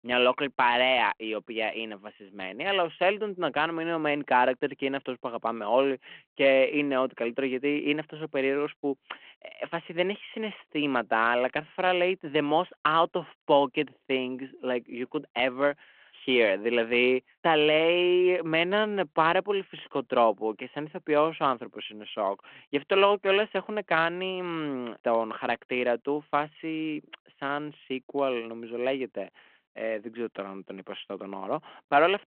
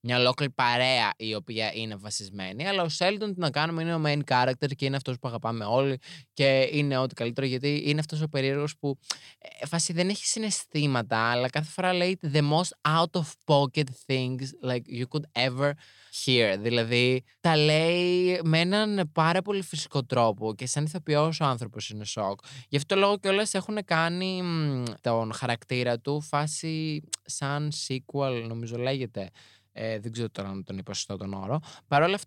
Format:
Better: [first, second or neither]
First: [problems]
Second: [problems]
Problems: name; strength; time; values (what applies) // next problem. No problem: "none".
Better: second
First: phone-call audio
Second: none